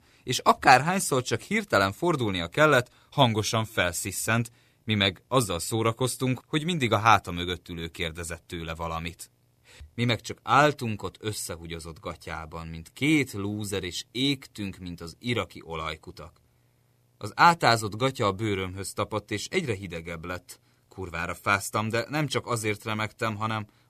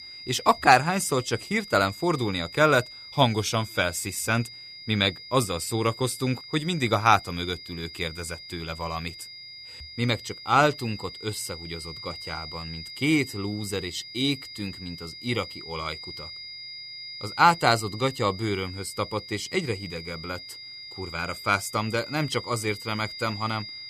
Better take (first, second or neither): first